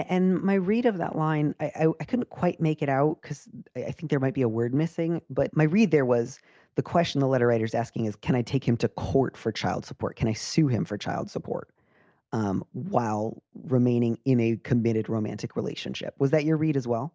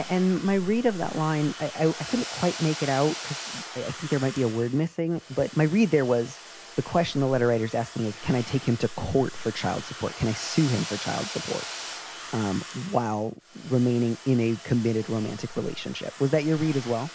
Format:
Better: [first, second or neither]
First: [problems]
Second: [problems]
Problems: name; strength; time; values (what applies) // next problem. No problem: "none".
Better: first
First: none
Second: background sound (Domestic sounds, home sounds); 13 dB below the speech